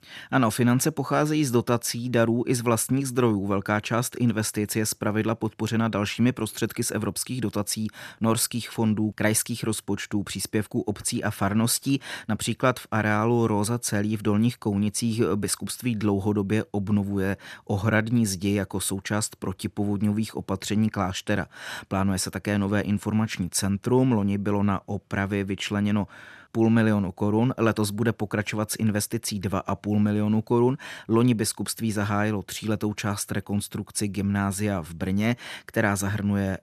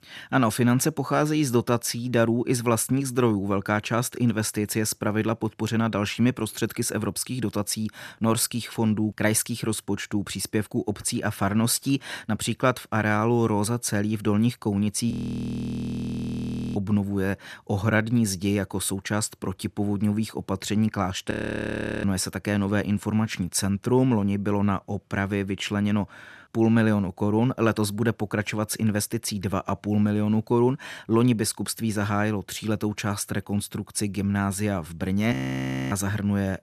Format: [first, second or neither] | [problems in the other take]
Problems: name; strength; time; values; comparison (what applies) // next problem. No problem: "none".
first | audio freezing; at 15 s for 1.5 s, at 21 s for 0.5 s and at 35 s for 0.5 s